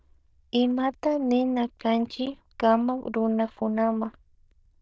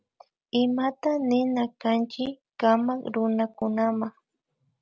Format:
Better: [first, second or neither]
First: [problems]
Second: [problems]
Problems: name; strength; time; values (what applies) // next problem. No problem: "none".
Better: second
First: noise reduction (neural diffusion model UNIVERSE++)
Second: none